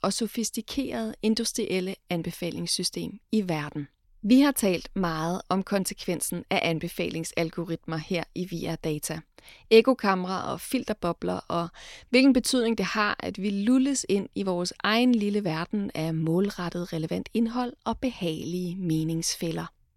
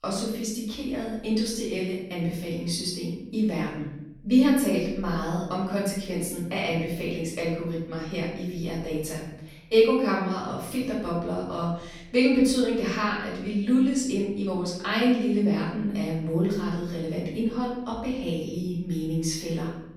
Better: first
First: none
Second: off-mic speech; far // room echo; noticeable; dies away in 0.8 s

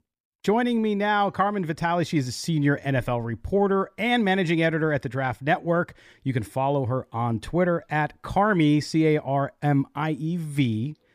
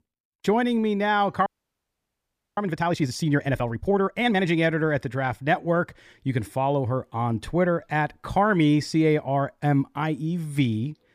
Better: first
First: none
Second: audio freezing; at 1.5 s for 1 s

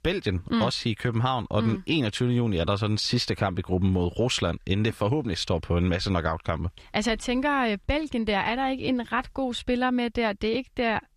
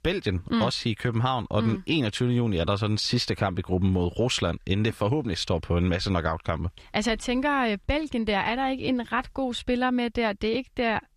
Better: neither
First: none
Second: none

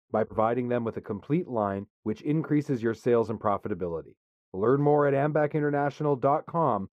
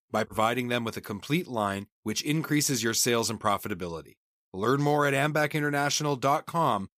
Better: second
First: muffled; very; fading above 2.5 kHz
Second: none

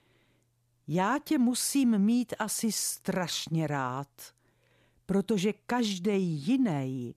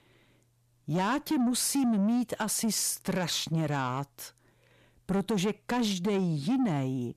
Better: first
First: none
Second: distortion; slight; 10 dB below the speech

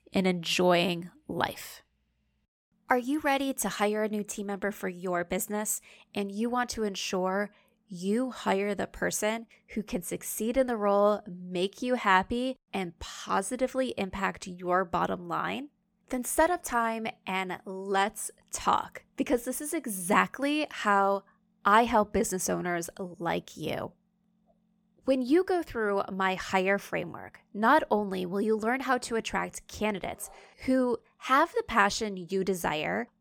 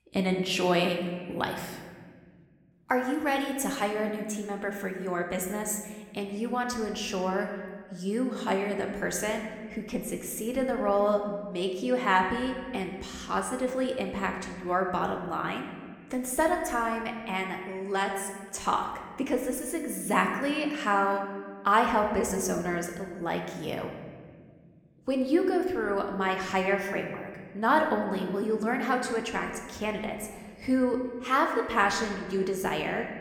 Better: first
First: none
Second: room echo; slight; dies away in 1.5 s

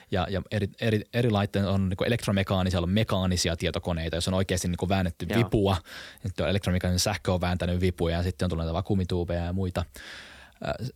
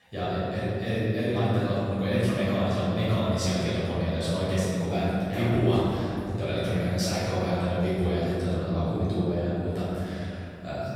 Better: first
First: none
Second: off-mic speech; far // room echo; strong; dies away in 2.9 s

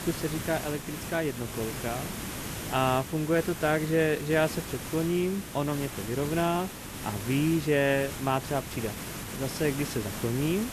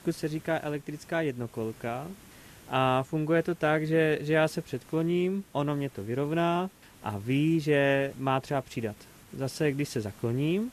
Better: second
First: hiss; loud; throughout; 8 dB below the speech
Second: hiss; faint; throughout; 25 dB below the speech

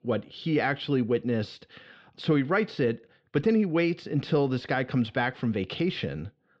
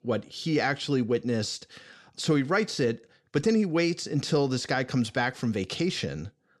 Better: second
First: muffled; slightly; fading above 3.5 kHz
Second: none

